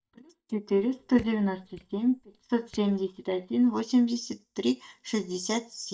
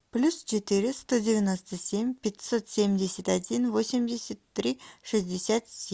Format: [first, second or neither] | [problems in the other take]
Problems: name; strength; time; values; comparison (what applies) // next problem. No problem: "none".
second | noise reduction (neural mask model DeepFilterNet 3)